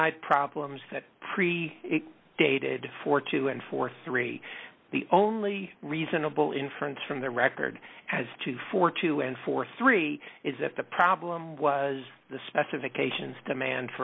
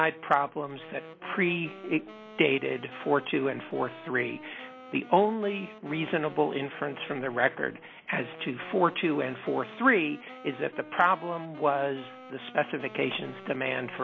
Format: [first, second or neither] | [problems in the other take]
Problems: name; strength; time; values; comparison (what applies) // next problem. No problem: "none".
first | background sound (Wind instrument, woodwind instrument); 18 dB below the speech